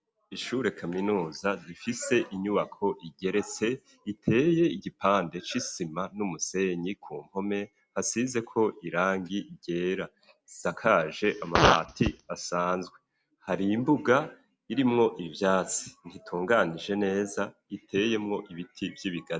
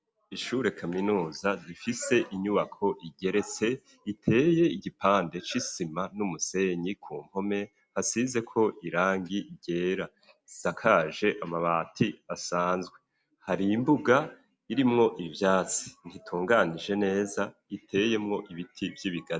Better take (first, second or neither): second